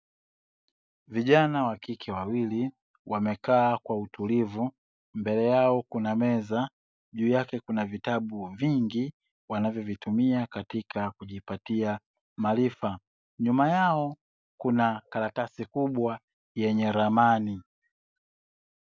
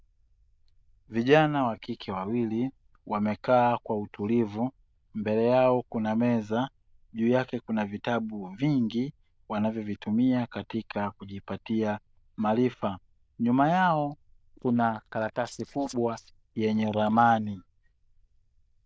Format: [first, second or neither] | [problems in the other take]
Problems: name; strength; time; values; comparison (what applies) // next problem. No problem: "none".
first | noise reduction (neural diffusion model UNIVERSE++)